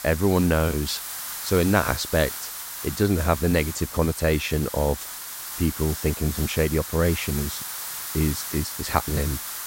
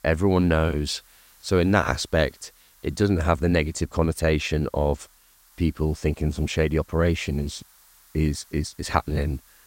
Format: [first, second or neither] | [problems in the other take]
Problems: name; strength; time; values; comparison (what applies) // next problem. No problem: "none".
second | hiss; loud; throughout; 7 dB below the speech; faint in the second